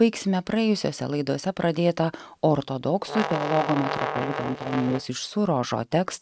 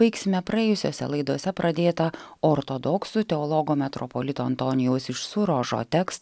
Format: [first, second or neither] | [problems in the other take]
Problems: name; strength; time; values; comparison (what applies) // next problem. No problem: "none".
second | noise reduction (neural mask model RNNoise)